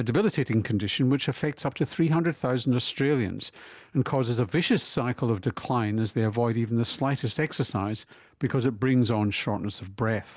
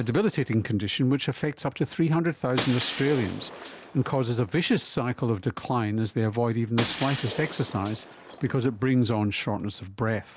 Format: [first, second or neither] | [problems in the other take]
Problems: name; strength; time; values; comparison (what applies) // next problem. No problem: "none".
first | background sound (Shatter); 14 dB below the speech